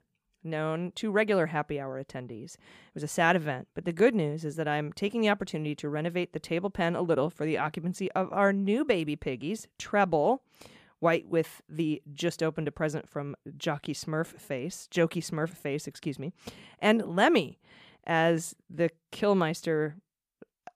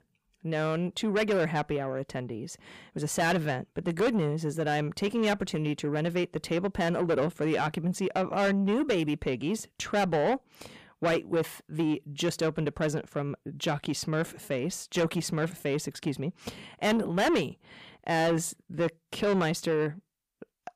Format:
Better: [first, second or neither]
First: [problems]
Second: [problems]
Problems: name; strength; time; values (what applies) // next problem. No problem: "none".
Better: first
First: none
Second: distortion; heavy; 8 dB below the speech